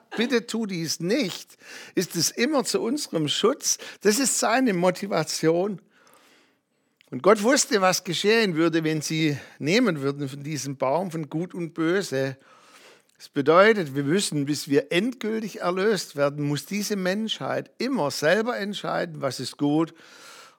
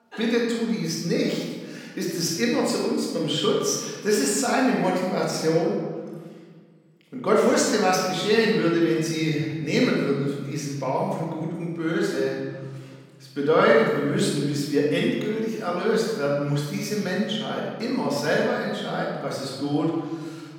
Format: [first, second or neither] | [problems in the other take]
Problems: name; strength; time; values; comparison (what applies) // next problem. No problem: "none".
first | off-mic speech; far // room echo; noticeable; dies away in 1.4 s